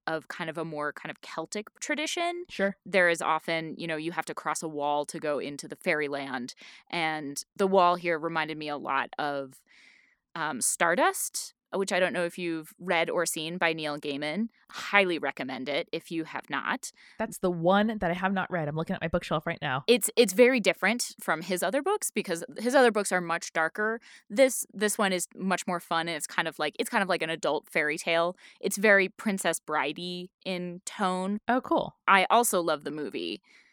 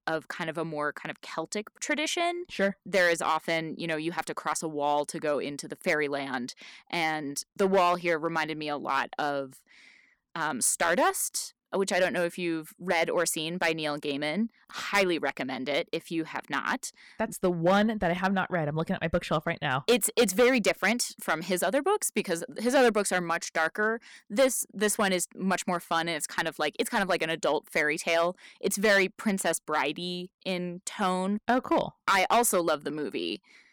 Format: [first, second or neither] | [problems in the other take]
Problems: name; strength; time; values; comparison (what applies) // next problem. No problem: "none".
first | distortion; slight; 2% of the sound clipped